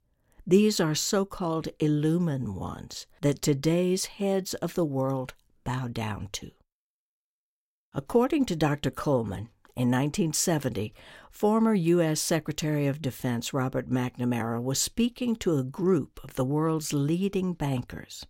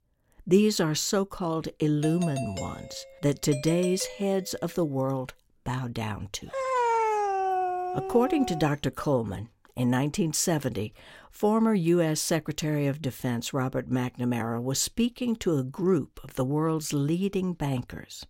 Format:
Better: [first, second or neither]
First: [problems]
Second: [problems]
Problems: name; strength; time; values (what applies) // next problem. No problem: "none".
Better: first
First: none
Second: doorbell; noticeable; from 2 to 4.5 s; peak 9 dB below the speech // dog barking; loud; from 6.5 to 8.5 s; peak 3 dB above the speech